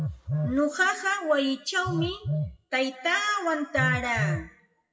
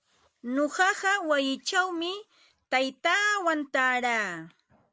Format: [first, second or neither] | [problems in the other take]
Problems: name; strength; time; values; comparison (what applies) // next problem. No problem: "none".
second | noise reduction (classical method WPE with log-MMSE)